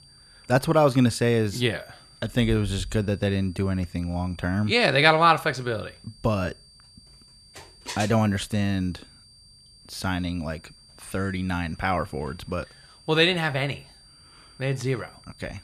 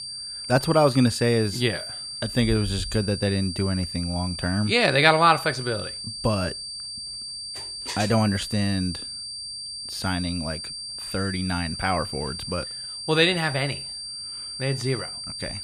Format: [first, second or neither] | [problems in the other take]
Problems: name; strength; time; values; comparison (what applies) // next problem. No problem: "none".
first | high-pitched whine; loud; throughout; 4.5 kHz, 8 dB below the speech; faint in the first